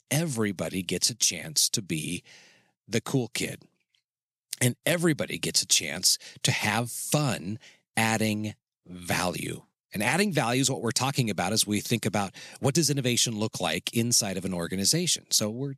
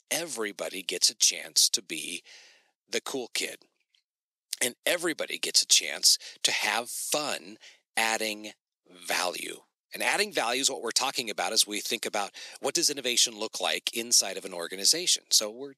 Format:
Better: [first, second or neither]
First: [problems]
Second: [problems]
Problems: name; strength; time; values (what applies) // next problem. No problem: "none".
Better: first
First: none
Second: thin; somewhat; fading below 350 Hz